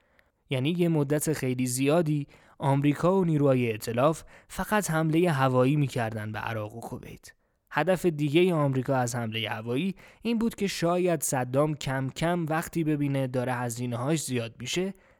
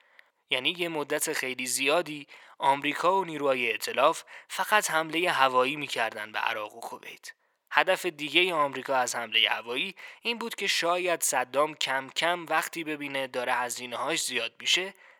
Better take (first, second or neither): first